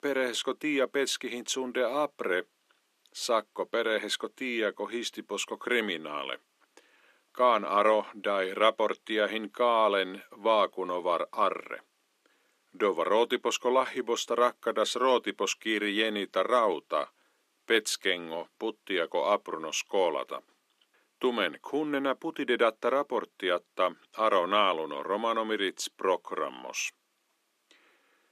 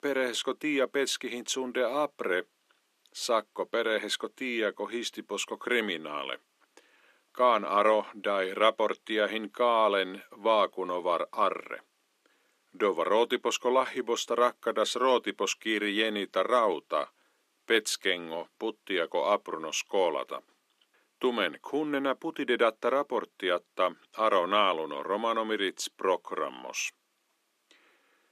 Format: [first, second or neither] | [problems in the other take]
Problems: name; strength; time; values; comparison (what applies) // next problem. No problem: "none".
neither | thin; somewhat; fading below 250 Hz; the same in both